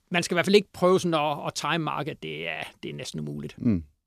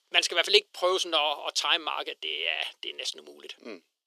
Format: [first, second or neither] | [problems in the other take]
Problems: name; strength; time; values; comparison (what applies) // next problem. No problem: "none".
first | thin; very; fading below 400 Hz